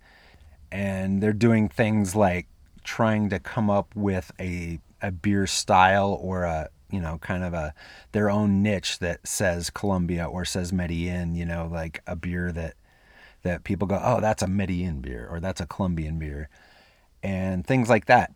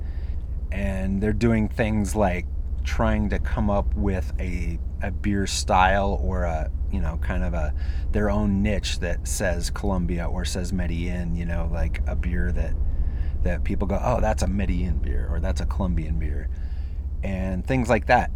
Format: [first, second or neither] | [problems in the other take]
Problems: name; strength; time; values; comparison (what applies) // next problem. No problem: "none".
first | low rumble; faint; throughout; 20 dB below the speech